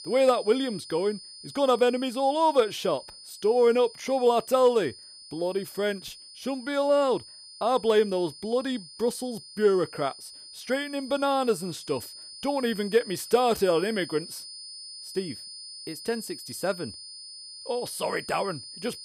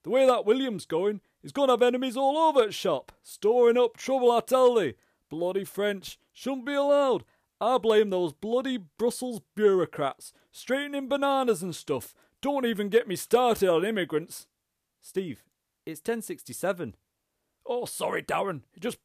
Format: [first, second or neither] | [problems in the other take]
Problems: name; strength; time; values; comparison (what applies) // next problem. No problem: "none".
second | high-pitched whine; noticeable; throughout; 5 kHz, 15 dB below the speech